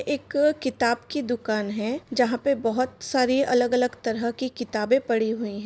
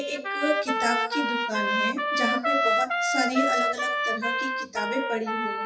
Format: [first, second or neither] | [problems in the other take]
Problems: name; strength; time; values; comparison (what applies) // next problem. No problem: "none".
first | noise reduction (classical method WPE with log-MMSE)